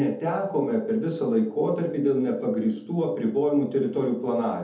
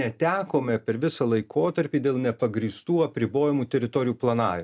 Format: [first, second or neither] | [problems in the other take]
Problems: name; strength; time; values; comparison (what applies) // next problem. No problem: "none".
second | room echo; dies away in 0.6 s